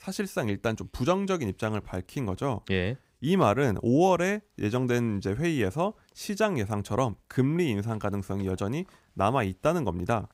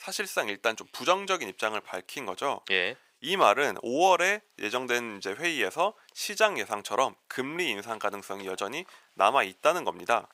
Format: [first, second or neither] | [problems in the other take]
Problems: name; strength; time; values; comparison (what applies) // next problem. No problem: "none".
first | thin; very; fading below 650 Hz